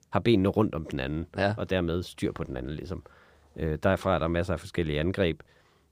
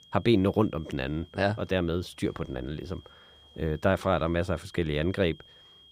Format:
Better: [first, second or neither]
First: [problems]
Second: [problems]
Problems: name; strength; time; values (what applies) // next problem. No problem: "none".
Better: first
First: none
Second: high-pitched whine; faint; throughout; 3 kHz, 25 dB below the speech